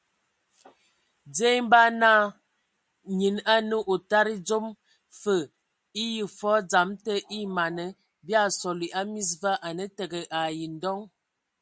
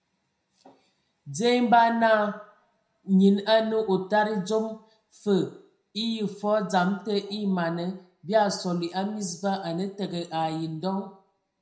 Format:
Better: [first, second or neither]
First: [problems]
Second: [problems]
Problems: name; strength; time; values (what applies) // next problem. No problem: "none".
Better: first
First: none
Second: room echo; dies away in 0.5 s